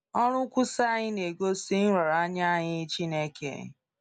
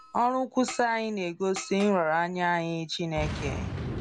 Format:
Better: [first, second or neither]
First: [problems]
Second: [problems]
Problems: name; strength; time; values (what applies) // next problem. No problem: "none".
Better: first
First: none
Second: background sound (Boom); 11 dB below the speech